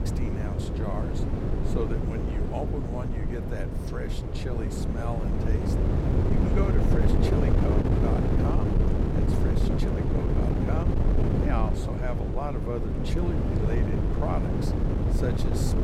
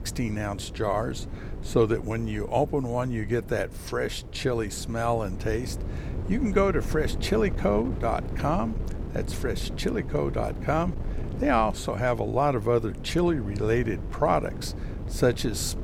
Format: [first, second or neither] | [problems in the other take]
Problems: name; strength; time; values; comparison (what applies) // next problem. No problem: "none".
second | wind noise on the microphone; heavy; 3 dB above the speech; occasional gusts in the second